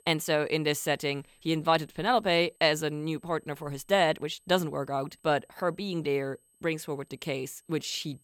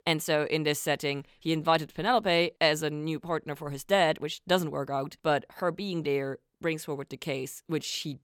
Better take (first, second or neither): second